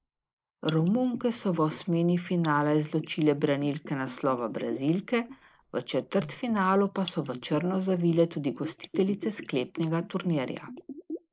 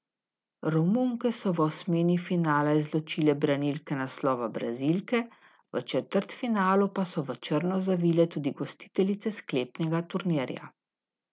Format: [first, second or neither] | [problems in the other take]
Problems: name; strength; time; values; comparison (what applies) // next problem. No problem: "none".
second | noise reduction (neural mask model Resemble Enhance denoiser)